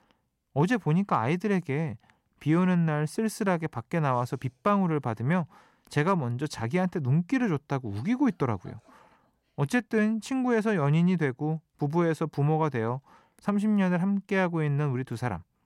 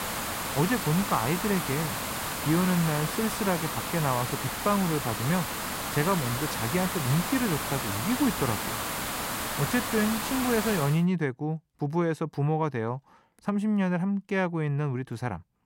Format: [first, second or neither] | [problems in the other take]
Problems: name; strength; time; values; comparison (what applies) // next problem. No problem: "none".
first | hiss; loud; until 11 s; 2 dB below the speech